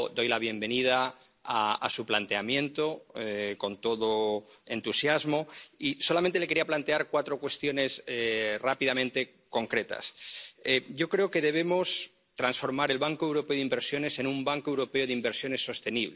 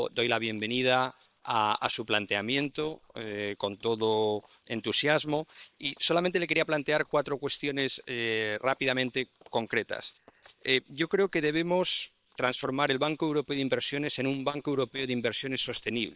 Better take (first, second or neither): first